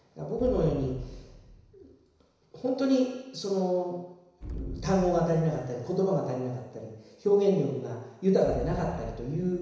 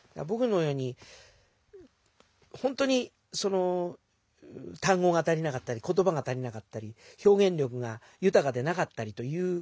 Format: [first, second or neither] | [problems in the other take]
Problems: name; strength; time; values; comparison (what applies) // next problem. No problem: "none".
second | background sound (Explosion); 14 dB below the speech // room echo; dies away in 1 s